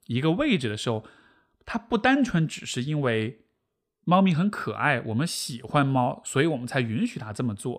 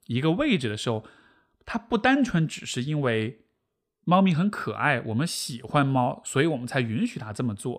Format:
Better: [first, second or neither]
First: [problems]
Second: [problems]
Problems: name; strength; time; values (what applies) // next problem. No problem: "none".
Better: neither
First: none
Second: none